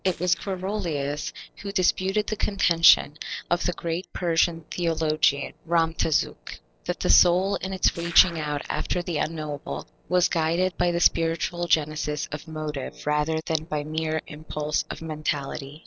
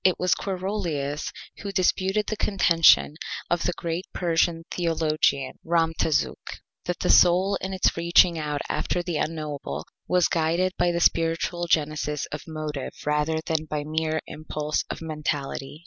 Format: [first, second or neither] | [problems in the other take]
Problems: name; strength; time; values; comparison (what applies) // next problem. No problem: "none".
second | noise reduction (neural separator model SepFormer DNS4)